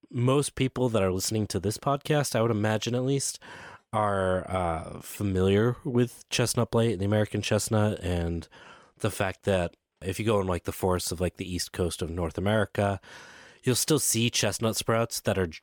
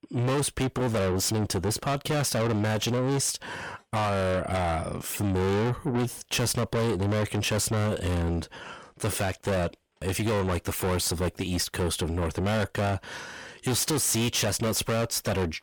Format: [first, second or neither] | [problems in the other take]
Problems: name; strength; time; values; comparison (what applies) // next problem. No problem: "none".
first | distortion; heavy; 6 dB below the speech